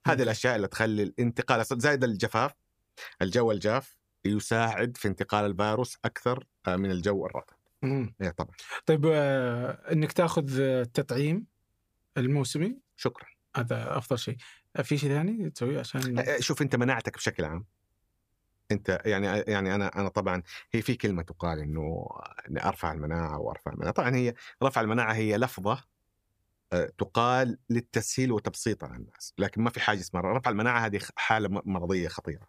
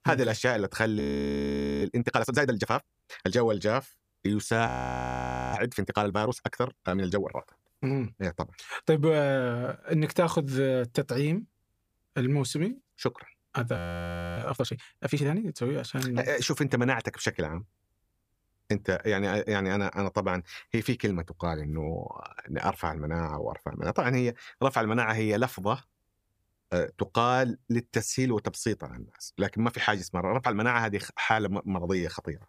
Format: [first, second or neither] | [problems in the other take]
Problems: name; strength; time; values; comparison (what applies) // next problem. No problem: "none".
first | audio freezing; at 1 s for 1 s, at 4.5 s for 1 s and at 14 s for 0.5 s